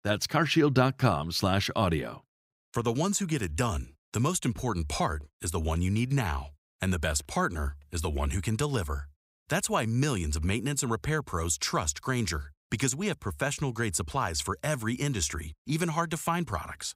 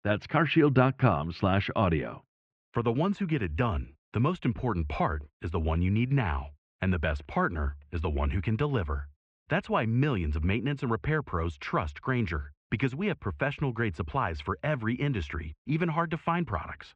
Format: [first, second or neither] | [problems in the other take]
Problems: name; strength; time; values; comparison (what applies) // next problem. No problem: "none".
first | muffled; very; fading above 2.5 kHz